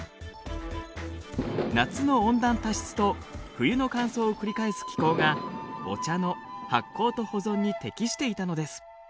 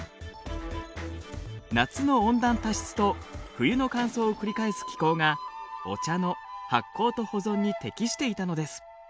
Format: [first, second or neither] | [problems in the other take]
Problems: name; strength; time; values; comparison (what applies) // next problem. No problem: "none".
second | background sound (Fireworks); 9 dB below the speech